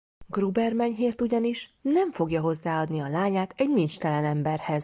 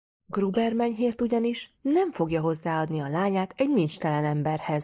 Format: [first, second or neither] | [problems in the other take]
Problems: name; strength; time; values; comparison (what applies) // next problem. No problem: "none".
first | noise reduction (neural mask model Resemble Enhance denoiser)